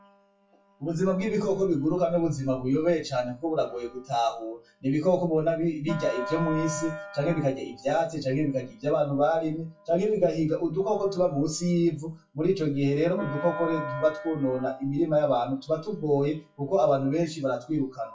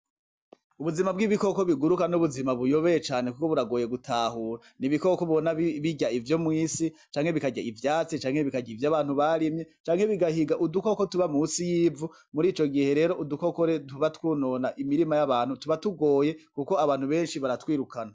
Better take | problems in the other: second | noise reduction (classical method WPE with log-MMSE)

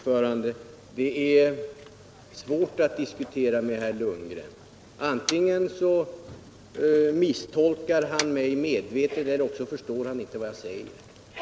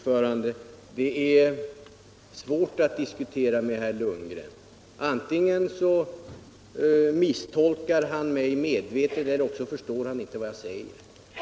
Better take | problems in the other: second | background sound (Motor vehicle (road)); 18 dB below the speech

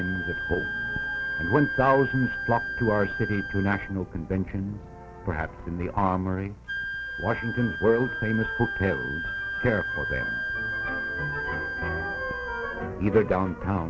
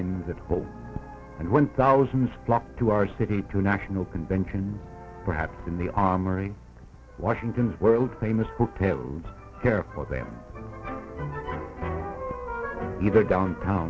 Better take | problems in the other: second | background sound (Wind instrument, woodwind instrument); 5 dB below the speech

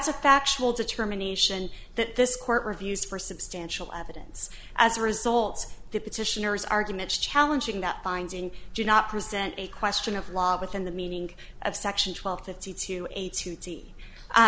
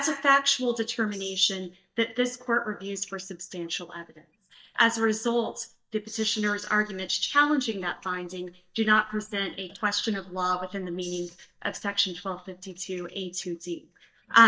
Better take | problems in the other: first | noise reduction (neural mask model DeepFilterNet 3)

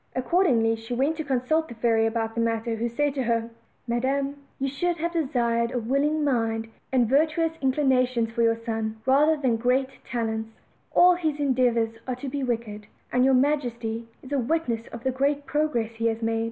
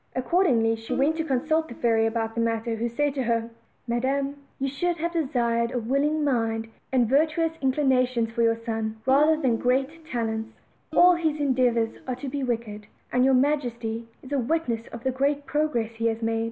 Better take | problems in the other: first | background sound (Guitar); 12 dB below the speech

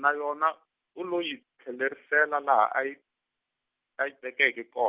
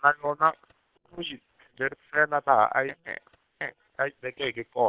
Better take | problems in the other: first | noise reduction (neural separator model SepFormer WHAM!)

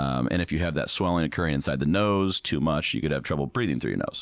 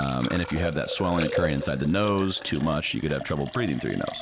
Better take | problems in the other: first | background sound (Liquid); 8 dB below the speech

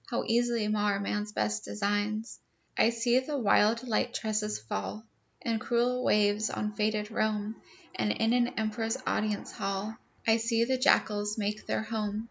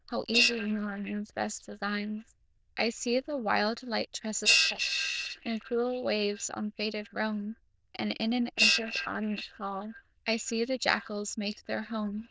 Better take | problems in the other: first | noise reduction (neural diffusion model UNIVERSE++)

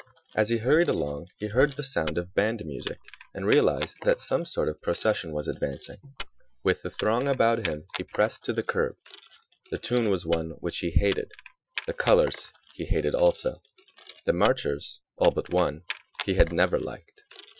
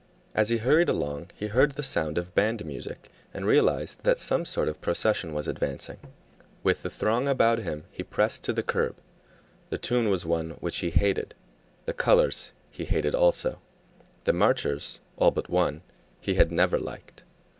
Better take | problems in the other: second | noise reduction (classical method Wiener filter)

